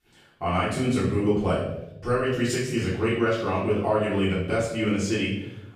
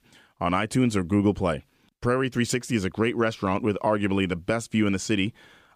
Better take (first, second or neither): second